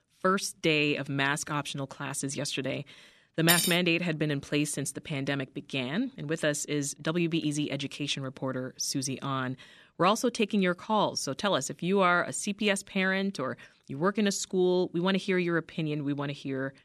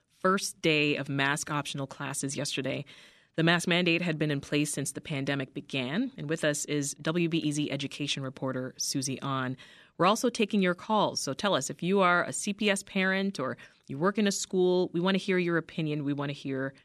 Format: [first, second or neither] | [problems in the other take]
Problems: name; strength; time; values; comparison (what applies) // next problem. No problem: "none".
second | clattering dishes; loud; at 3.5 s; peak 3 dB above the speech